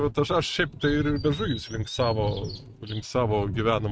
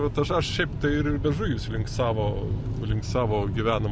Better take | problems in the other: second | noise reduction (neural mask model RNNoise)

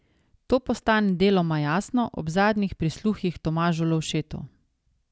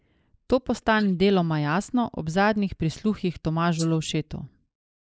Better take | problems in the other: first | noise reduction (neural mask model Resemble Enhance denoiser)

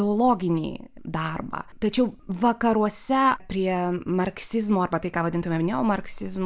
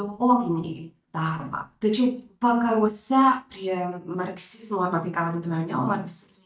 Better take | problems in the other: first | noise reduction (neural mask model DeepFilterNet 3)

